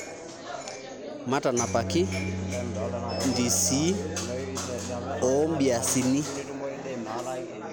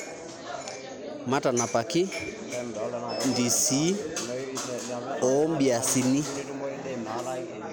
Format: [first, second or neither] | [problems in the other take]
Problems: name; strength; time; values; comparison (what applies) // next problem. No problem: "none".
second | background sound (Bowed string instrument); 9 dB below the speech